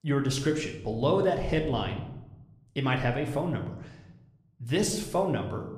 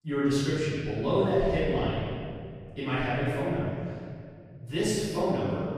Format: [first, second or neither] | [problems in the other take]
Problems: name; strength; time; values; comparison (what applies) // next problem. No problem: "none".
first | room echo; strong; dies away in 2 s; slight in the first // off-mic speech; far